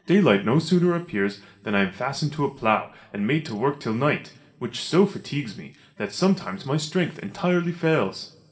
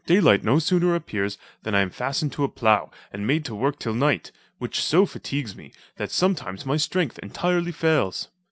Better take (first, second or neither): second